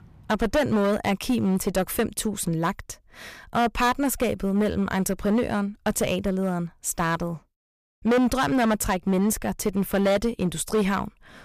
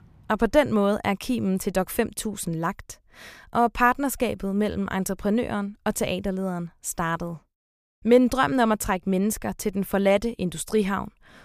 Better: second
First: distortion; heavy; 9% of the sound clipped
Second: none

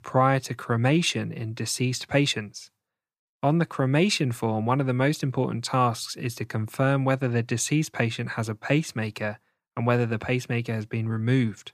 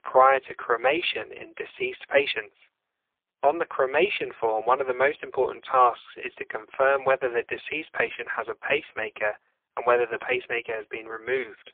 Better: first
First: none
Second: phone-call audio; poor line

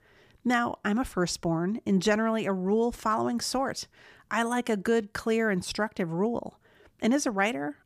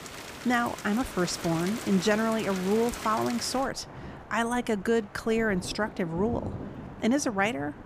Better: first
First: none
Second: rain or running water; noticeable; throughout; 10 dB below the speech

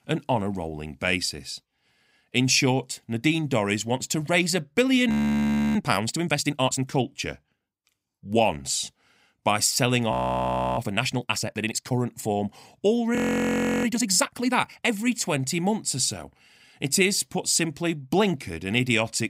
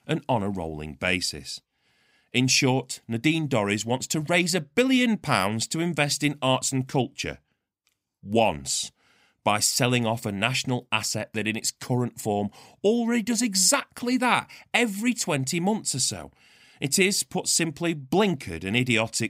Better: second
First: audio freezing; at 5 s for 0.5 s, at 10 s for 0.5 s and at 13 s for 0.5 s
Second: none

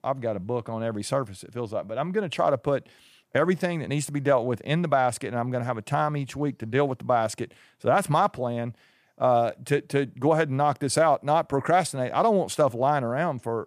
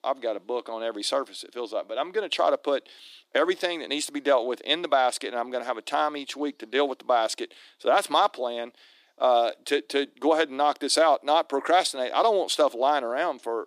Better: first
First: none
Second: thin; somewhat; fading below 300 Hz

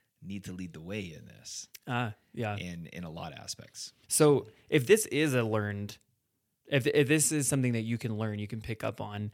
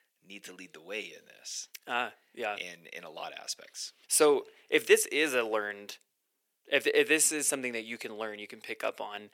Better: first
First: none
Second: thin; very; fading below 400 Hz

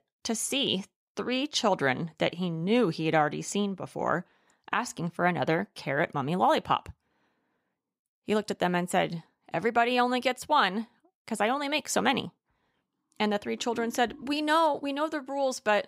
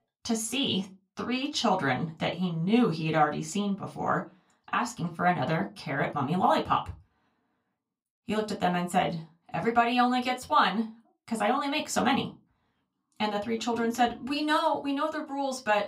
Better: first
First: none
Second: off-mic speech; far // room echo; very slight; dies away in 0.2 s

